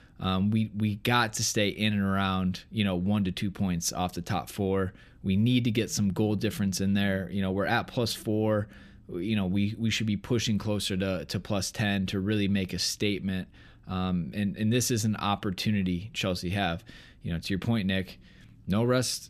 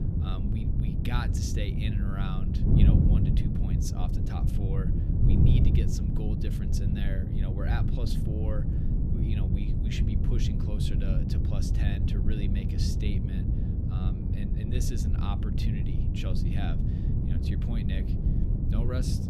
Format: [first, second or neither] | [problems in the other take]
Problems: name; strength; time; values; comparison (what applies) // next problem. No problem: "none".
first | wind noise on the microphone; heavy; 1 dB above the speech